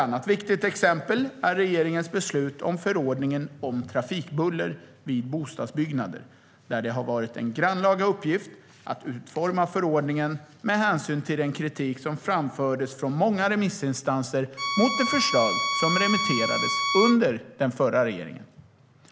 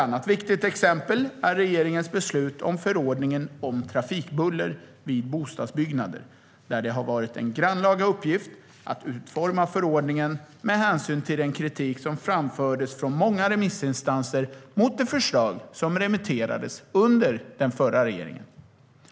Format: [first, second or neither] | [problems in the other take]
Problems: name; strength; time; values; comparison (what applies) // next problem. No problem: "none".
second | background sound (Bowed string instrument); 1 dB below the speech